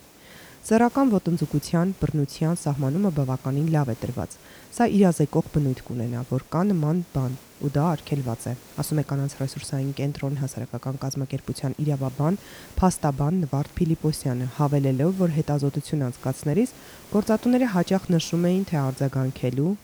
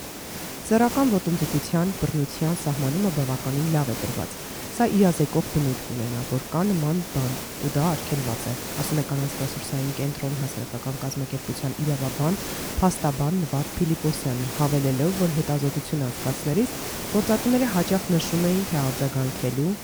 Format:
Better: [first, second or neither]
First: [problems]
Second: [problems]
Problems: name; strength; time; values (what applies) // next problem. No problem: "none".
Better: first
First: hiss; faint; throughout; 20 dB below the speech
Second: hiss; loud; throughout; 6 dB below the speech